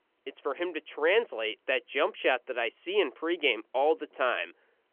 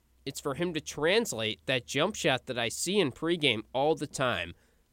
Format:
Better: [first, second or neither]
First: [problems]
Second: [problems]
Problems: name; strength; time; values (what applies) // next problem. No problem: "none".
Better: second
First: phone-call audio; nothing above 3 kHz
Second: none